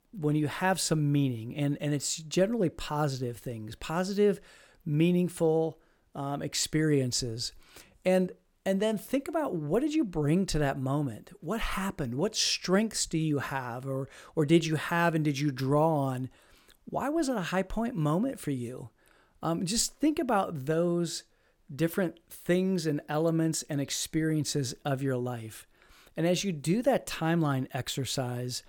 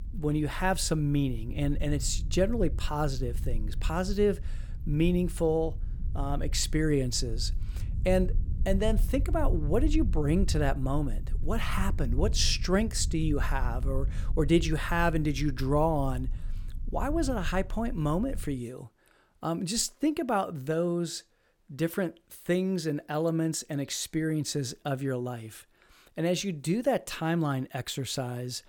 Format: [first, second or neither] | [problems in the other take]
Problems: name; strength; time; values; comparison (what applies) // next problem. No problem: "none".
first | low rumble; faint; until 19 s; 20 dB below the speech